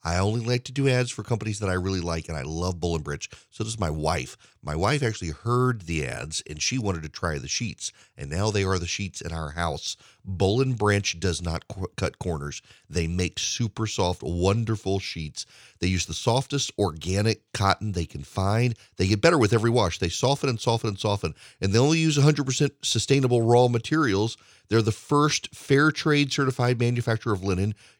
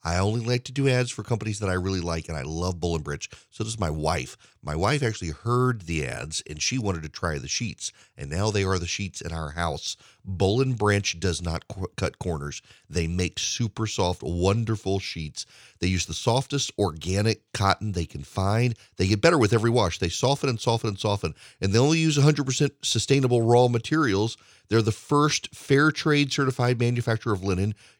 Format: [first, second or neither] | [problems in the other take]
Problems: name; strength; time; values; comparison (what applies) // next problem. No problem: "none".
neither | none